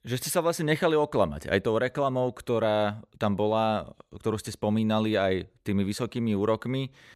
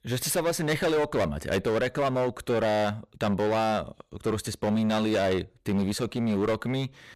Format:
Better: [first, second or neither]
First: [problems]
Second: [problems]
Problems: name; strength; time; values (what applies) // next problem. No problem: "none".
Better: first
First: none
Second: distortion; heavy; 18% of the sound clipped